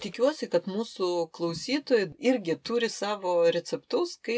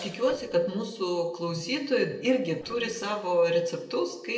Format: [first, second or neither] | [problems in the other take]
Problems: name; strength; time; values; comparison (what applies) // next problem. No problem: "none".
first | noise reduction (neural separator model SepFormer DNS4)